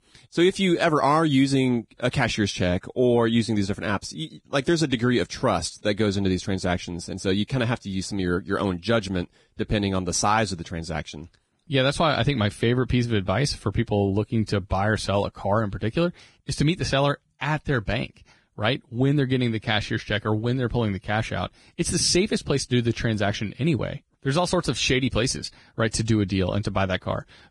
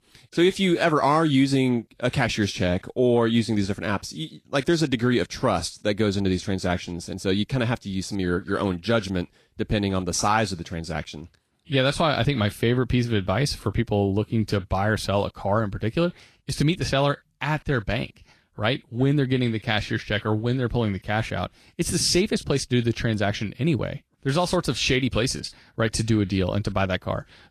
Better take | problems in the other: second | garbled, watery; badly; nothing above 10 kHz; slightly in the second

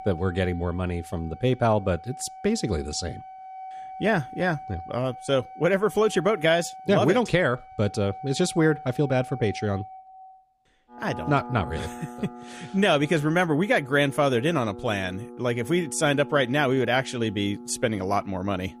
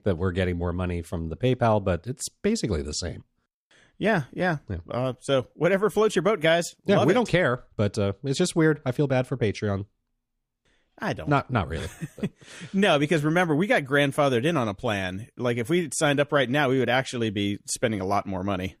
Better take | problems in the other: second | background music; noticeable; throughout; 15 dB below the speech

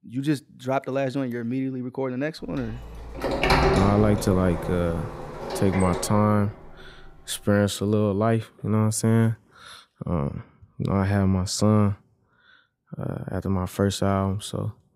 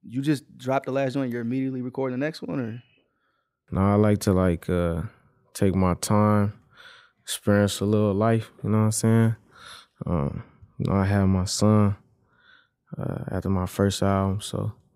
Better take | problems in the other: second | door banging; loud; from 2.5 to 6 s; peak 5 dB above the speech

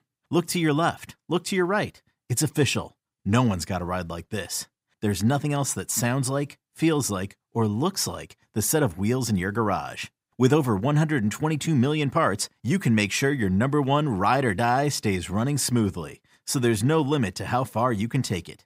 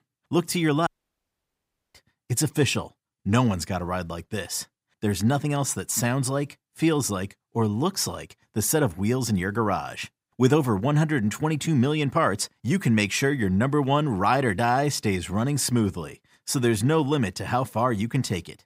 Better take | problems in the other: first | audio cutting out; at 1 s for 1 s

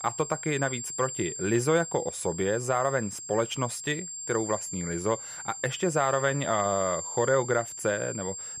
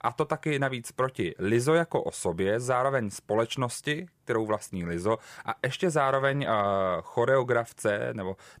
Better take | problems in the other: second | high-pitched whine; loud; throughout; 7.5 kHz, 7 dB below the speech

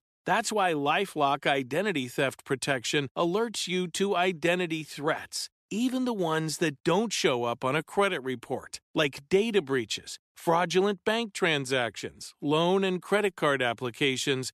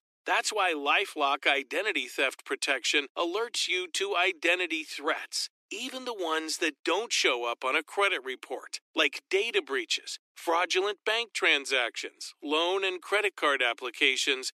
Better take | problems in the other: first | thin; somewhat; fading below 300 Hz

